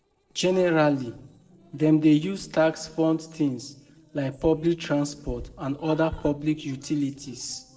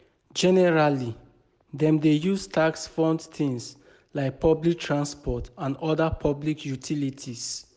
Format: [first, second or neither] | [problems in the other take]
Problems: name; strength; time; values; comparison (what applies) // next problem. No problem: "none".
second | noise reduction (neural separator model SepFormer DNS4)